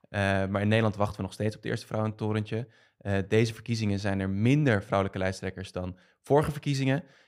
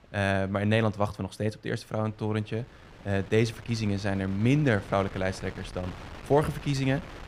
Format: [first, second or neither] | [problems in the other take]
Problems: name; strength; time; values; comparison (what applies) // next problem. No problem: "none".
first | wind noise on the microphone; occasional gusts; 15 dB below the speech